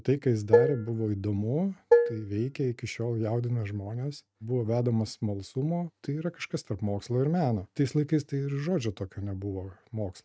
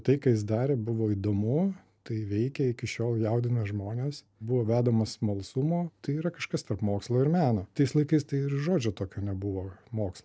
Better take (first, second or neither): second